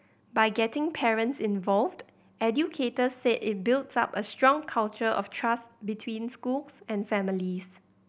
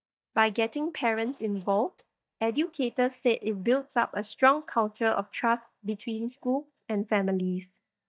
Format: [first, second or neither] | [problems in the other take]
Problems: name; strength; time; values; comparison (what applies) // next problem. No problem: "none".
first | noise reduction (neural mask model DeepFilterNet 3)